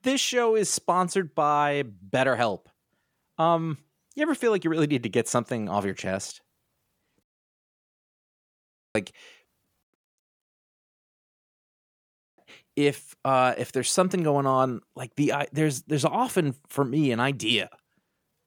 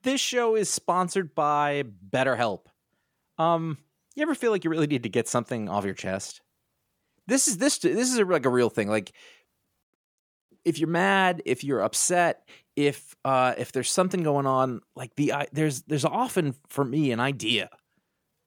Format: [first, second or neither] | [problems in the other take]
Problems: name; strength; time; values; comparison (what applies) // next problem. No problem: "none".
second | audio cutting out; at 7 s for 1.5 s and at 10 s for 2 s